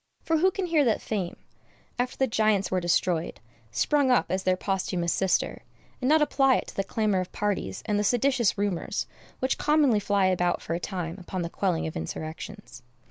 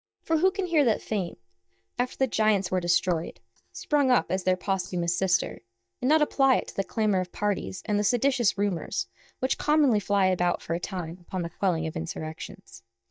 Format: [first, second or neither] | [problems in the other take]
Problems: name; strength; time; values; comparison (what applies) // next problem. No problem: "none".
first | noise reduction (neural mask model DeepFilterNet 3)